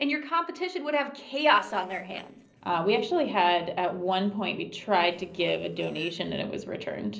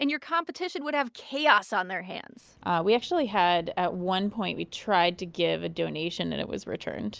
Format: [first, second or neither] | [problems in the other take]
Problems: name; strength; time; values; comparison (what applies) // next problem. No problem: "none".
second | noise reduction (neural separator model SepFormer DNS4)